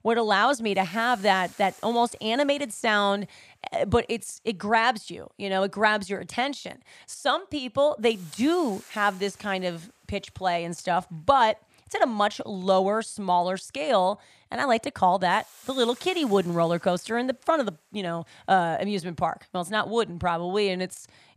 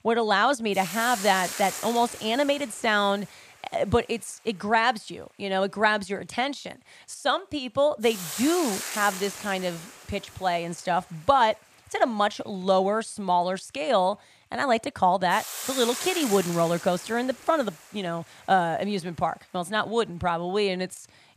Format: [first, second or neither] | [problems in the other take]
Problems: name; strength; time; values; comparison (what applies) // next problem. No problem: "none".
first | hiss; loud; throughout; 9 dB below the speech; faint in the first